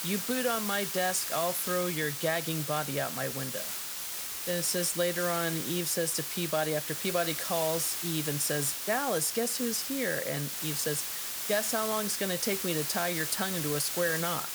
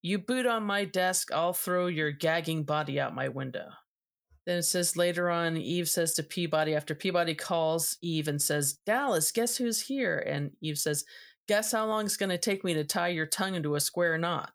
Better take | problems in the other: second | hiss; loud; throughout; 1 dB below the speech

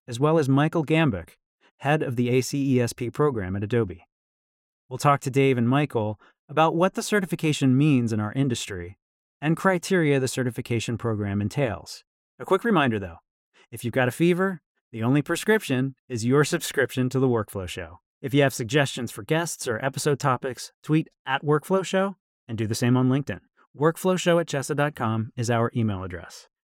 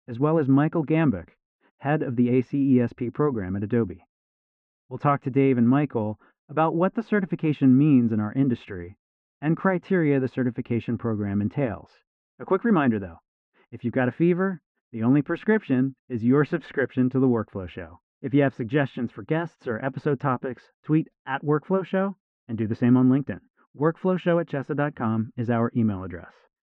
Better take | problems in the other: first | muffled; very; fading above 2 kHz

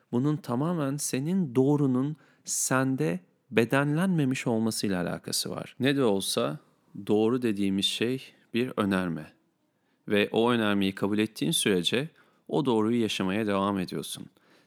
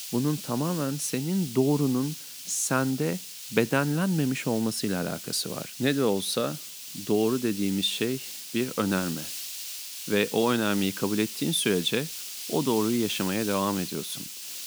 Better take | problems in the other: first | hiss; loud; throughout; 9 dB below the speech

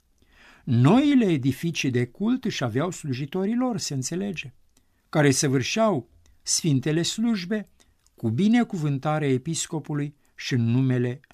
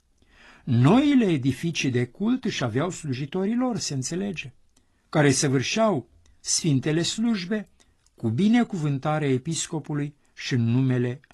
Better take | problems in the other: first | garbled, watery; slightly

